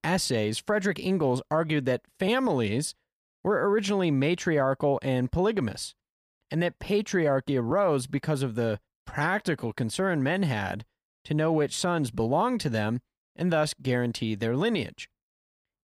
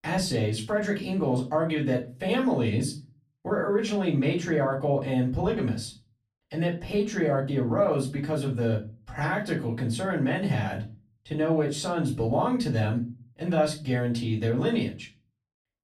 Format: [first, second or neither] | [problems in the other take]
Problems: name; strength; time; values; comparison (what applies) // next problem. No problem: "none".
first | off-mic speech; far // room echo; slight; dies away in 0.3 s